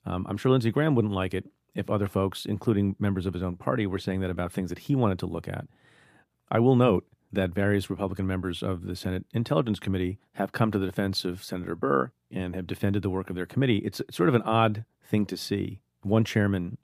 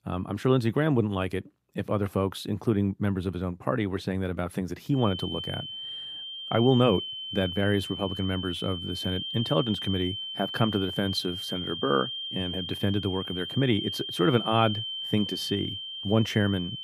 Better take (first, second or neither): first